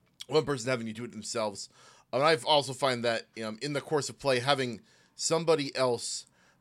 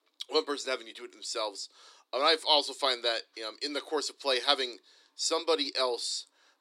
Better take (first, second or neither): first